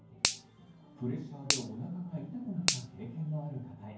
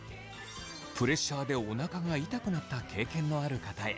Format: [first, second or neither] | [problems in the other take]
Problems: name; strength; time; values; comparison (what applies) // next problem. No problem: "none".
second | background sound (Finger snapping); 2 dB above the speech // room echo; dies away in 0.9 s